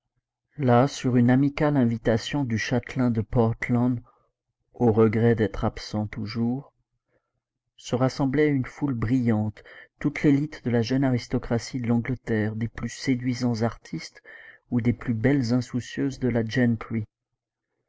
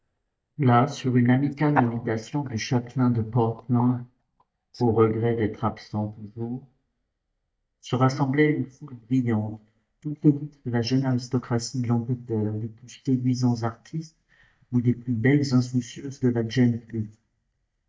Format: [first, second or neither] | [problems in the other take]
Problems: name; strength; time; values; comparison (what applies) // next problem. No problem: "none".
first | noise reduction (neural mask model DeepFilterNet 3)